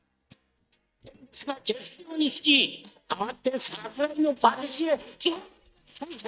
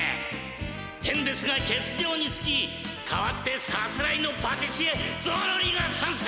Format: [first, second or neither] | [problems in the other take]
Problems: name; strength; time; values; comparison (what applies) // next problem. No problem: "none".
second | noise reduction (neural mask model DeepFilterNet 3)